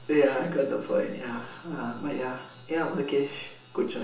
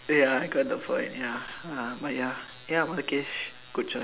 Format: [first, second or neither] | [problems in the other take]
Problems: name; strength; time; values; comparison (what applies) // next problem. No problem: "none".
second | room echo; dies away in 0.8 s